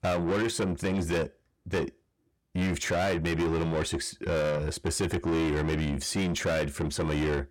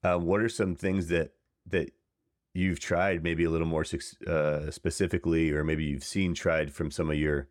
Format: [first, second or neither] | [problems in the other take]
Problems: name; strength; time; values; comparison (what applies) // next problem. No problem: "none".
second | distortion; heavy; 7 dB below the speech